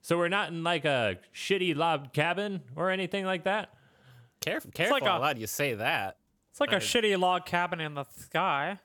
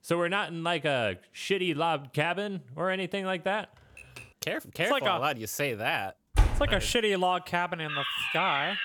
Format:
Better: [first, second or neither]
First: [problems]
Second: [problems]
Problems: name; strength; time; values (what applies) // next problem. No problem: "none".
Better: first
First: none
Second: keyboard typing; faint; at 4 s; peak 20 dB below the speech // door banging; loud; at 6.5 s; peak 1 dB above the speech // alarm; loud; at 8 s; peak level with the speech